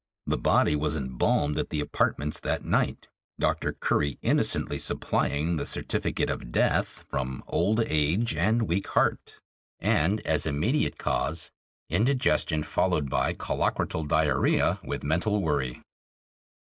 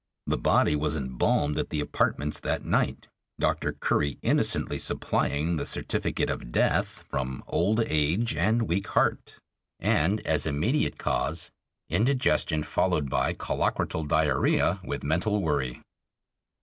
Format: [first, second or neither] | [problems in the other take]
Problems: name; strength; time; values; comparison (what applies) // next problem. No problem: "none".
second | noise reduction (neural mask model Resemble Enhance denoiser)